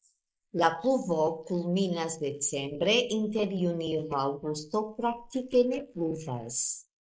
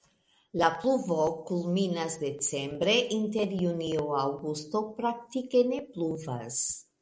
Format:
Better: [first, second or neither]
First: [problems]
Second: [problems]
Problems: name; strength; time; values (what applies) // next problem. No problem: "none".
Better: second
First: noise reduction (neural mask model Resemble Enhance denoiser)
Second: none